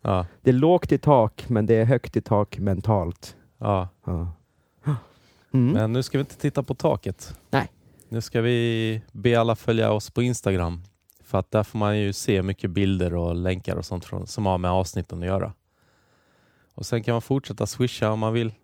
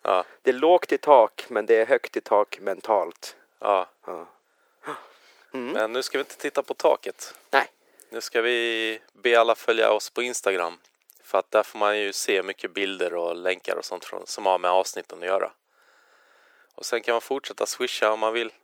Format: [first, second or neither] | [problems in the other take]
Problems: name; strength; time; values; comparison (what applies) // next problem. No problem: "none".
first | thin; very; fading below 400 Hz